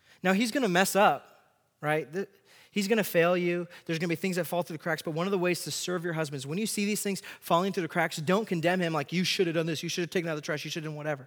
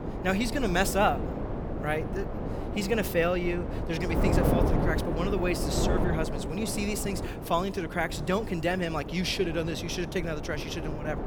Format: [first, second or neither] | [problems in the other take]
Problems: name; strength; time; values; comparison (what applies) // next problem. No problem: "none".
first | wind noise on the microphone; heavy; 5 dB below the speech